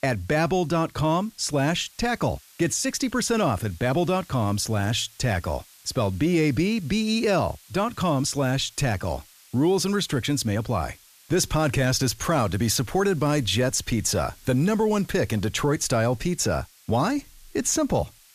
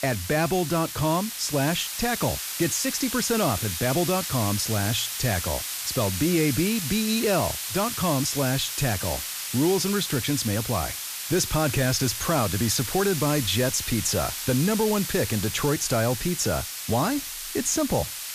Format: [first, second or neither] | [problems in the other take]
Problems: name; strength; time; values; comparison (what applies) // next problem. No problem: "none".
first | hiss; loud; throughout; 4 dB below the speech; faint in the first